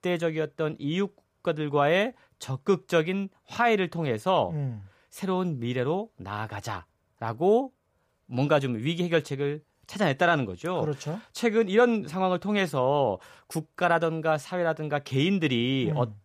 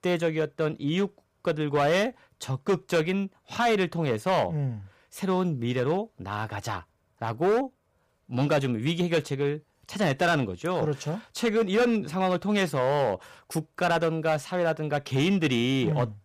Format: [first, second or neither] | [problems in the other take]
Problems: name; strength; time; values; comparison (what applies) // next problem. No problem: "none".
first | distortion; slight; 6% of the sound clipped